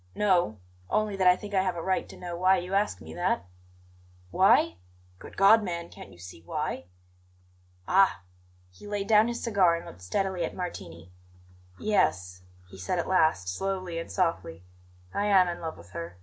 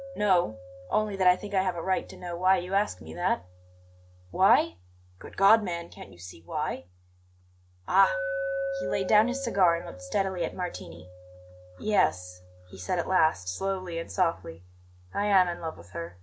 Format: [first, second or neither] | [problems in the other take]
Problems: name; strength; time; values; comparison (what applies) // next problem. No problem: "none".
first | background sound (Glass); 12 dB below the speech